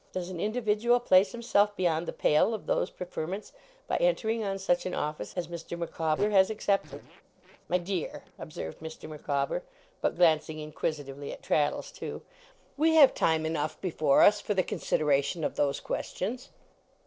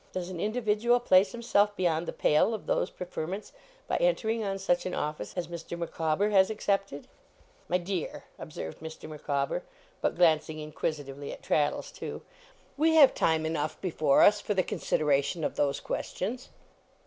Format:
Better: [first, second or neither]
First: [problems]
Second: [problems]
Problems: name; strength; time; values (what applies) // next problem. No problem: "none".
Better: second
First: noise reduction (neural separator model SepFormer DNS4)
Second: none